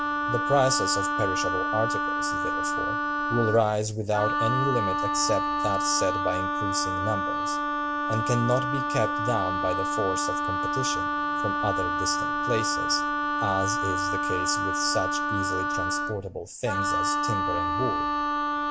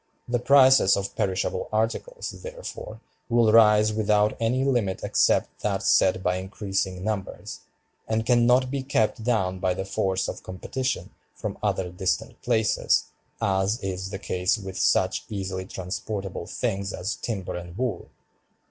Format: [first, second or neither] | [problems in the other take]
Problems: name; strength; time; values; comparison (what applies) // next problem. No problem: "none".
second | background sound (Wind instrument, woodwind instrument); 3 dB above the speech